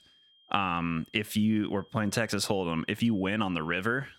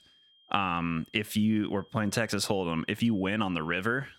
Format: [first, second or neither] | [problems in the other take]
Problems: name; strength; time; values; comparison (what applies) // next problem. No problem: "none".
neither | high-pitched whine; faint; throughout; 3 kHz, 30 dB below the speech; the same in both